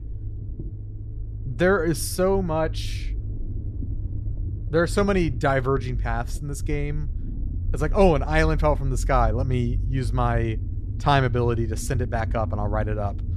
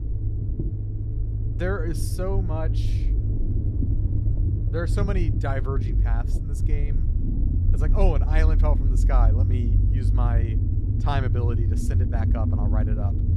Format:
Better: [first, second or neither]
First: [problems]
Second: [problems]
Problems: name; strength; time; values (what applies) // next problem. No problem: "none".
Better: first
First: low rumble; faint; throughout; 20 dB below the speech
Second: low rumble; loud; throughout; 6 dB below the speech